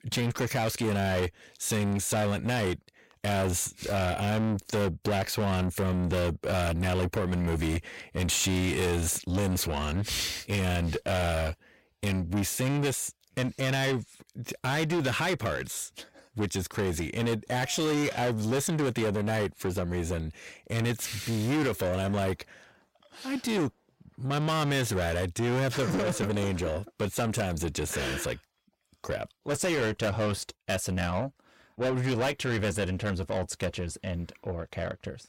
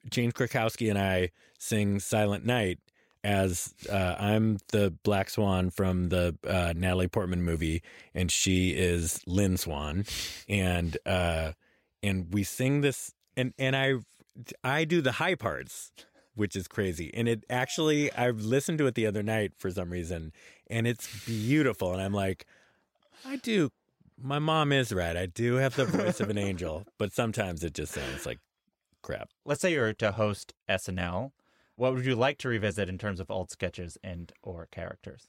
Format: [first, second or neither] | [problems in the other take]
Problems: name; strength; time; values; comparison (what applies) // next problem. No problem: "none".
second | distortion; heavy; 7 dB below the speech